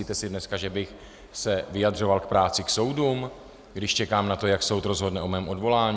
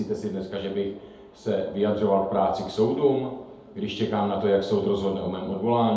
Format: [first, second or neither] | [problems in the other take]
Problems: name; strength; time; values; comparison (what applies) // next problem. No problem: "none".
first | room echo; dies away in 2 s